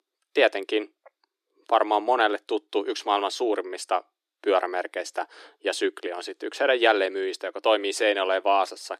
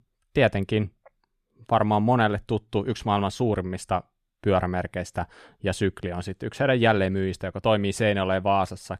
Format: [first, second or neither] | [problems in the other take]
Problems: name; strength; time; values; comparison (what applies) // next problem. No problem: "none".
second | thin; very; fading below 300 Hz